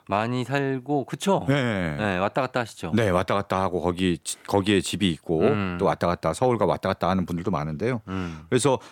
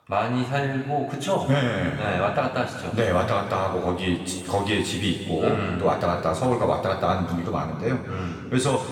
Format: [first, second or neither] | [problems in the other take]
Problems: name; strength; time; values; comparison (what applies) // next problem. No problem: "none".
first | room echo; noticeable; dies away in 2.1 s // off-mic speech; somewhat distant